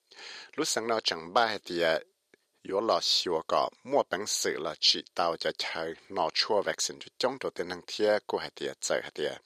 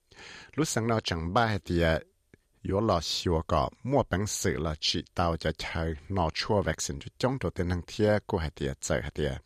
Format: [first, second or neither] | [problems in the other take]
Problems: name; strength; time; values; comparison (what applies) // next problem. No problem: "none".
second | thin; somewhat; fading below 450 Hz